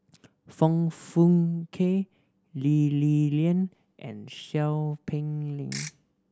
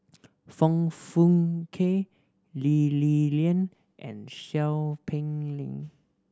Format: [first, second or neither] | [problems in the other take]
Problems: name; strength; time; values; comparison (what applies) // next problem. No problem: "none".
second | background sound (Ratchet, pawl / Percussion); 12 dB below the speech